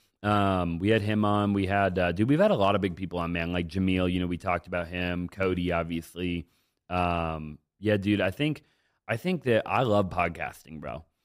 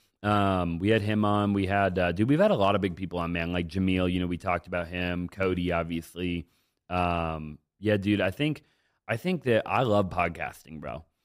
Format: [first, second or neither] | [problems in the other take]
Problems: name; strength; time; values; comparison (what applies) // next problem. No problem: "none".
neither | none